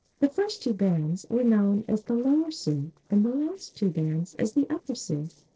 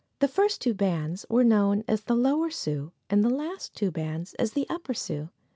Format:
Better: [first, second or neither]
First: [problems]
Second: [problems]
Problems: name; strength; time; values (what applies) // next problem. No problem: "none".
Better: second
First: noise reduction (neural separator model SepFormer DNS4)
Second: none